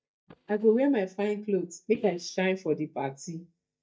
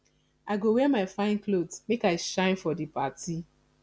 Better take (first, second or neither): second